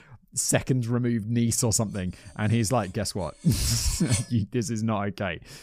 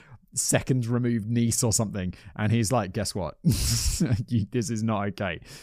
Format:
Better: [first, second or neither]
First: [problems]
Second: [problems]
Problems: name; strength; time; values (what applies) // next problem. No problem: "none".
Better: second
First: clattering dishes; noticeable; at 3.5 s; peak 6 dB below the speech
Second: none